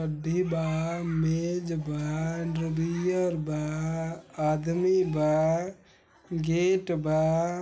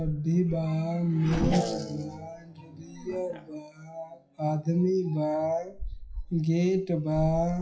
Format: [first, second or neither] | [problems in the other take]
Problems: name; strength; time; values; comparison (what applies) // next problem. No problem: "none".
first | noise reduction (classical method WPE with log-MMSE)